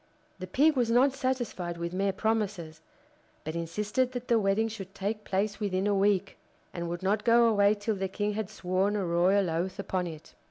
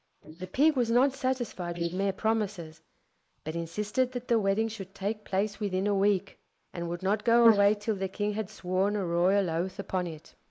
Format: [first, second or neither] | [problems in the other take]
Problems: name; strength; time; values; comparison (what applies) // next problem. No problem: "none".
first | noise reduction (neural mask model Resemble Enhance denoiser)